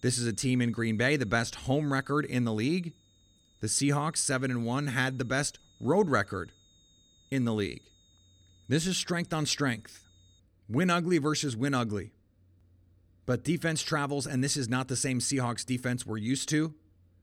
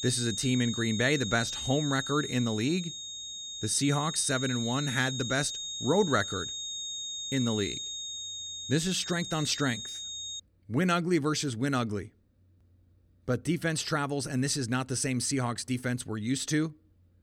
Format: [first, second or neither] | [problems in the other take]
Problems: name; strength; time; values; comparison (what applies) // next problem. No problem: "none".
first | high-pitched whine; loud; until 10 s; 3.5 kHz, 5 dB below the speech; faint in the first